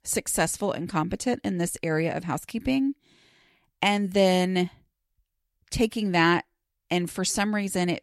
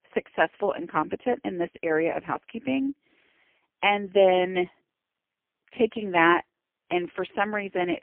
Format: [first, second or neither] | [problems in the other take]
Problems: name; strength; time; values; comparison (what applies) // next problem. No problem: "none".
first | phone-call audio; poor line; nothing above 3 kHz